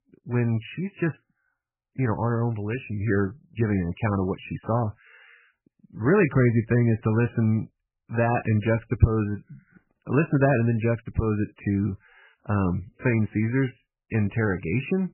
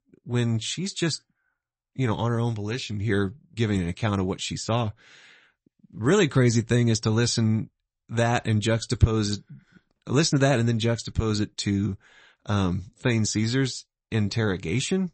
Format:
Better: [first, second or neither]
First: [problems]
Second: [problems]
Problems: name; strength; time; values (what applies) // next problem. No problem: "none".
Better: second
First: garbled, watery; badly; nothing above 2.5 kHz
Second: garbled, watery; slightly; nothing above 8 kHz